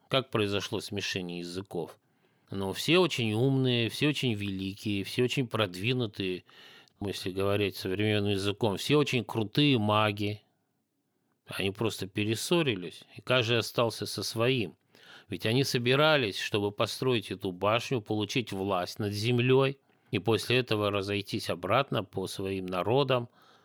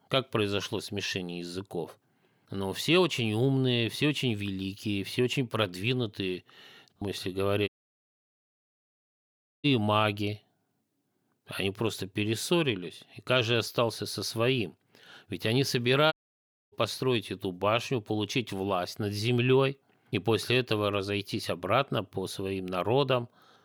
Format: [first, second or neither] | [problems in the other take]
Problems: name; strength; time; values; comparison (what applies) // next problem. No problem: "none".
first | audio cutting out; at 7.5 s for 2 s and at 16 s for 0.5 s